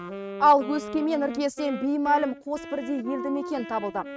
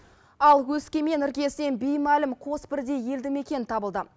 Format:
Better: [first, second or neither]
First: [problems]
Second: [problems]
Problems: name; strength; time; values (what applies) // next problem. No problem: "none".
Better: second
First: noise reduction (neural mask model RNNoise)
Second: none